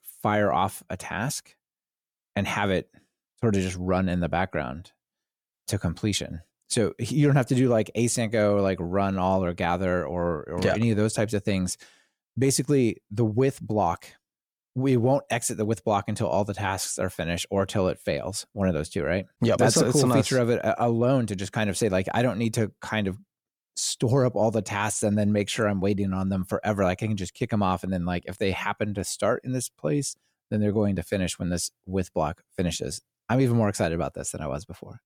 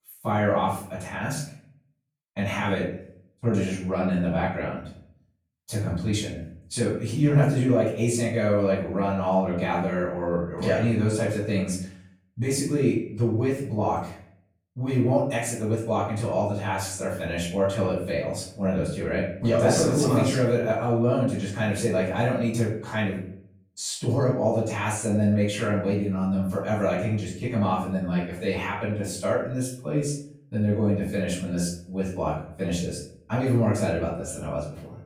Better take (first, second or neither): first